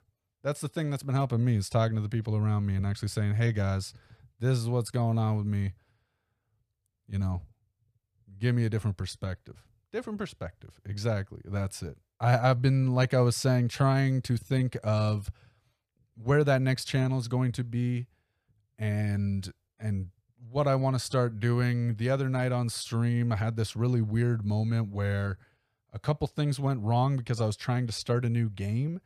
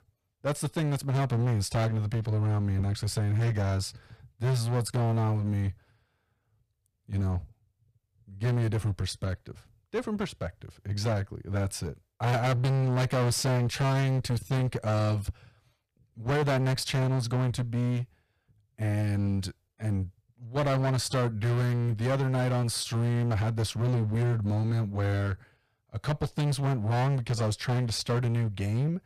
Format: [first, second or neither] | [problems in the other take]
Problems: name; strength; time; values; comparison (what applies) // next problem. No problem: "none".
first | distortion; heavy; 20% of the sound clipped